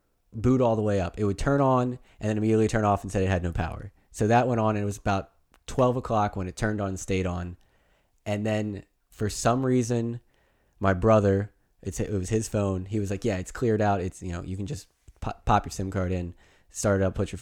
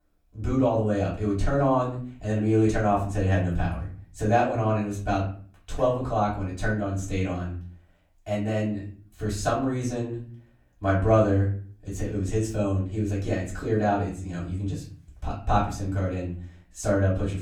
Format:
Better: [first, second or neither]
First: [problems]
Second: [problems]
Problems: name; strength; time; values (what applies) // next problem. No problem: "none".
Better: first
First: none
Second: room echo; slight; dies away in 0.4 s // off-mic speech; far